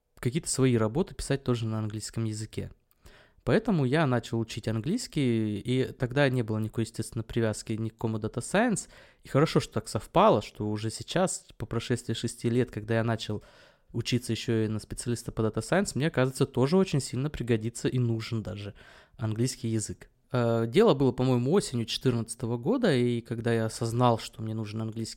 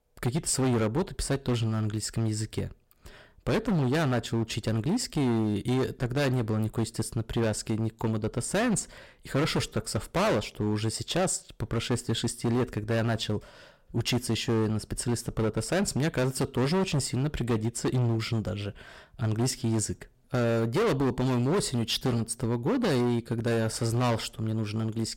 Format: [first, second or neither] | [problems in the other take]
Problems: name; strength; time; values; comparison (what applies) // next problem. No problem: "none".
first | distortion; heavy; 16% of the sound clipped